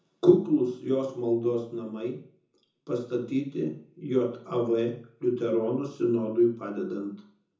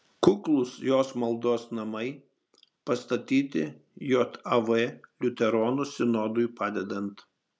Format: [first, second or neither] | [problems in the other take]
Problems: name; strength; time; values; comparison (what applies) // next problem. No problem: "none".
second | room echo; dies away in 0.5 s